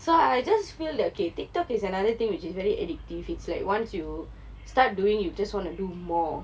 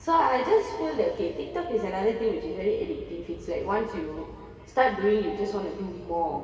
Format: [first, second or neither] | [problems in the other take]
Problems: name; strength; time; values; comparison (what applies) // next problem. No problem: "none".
first | room echo; dies away in 2.4 s